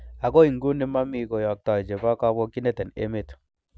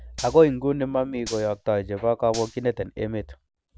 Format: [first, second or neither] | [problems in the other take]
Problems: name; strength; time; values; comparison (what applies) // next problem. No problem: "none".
first | background sound (Gunshot, gunfire); 19 dB below the speech